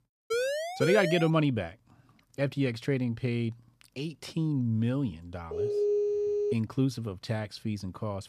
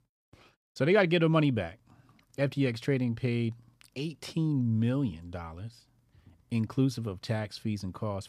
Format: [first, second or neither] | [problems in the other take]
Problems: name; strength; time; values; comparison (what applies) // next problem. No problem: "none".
second | siren; loud; until 1.5 s; peak level with the speech // phone ringing; loud; from 5.5 to 6.5 s; peak 3 dB above the speech